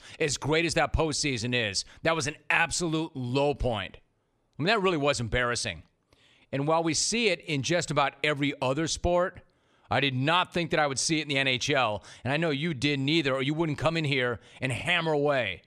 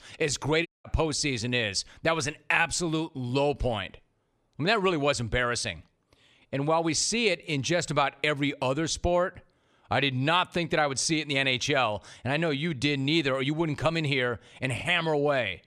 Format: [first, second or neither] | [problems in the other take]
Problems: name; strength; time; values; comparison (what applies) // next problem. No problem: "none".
first | audio cutting out; at 0.5 s